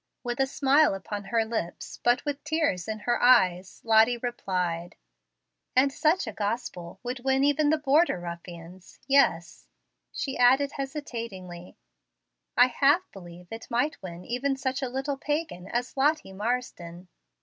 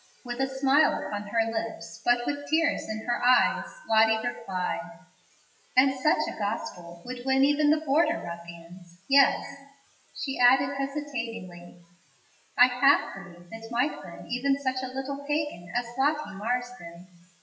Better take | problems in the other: first | noise reduction (classical method WPE with log-MMSE)

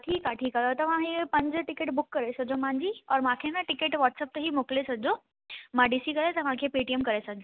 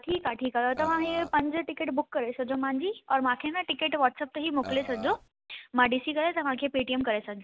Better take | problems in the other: first | background sound (Burping, eructation); 11 dB below the speech

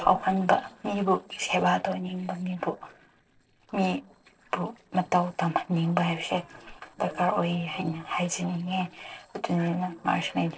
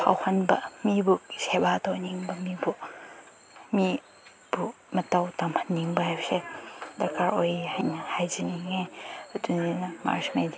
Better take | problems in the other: second | noise reduction (neural separator model SepFormer DNS4)

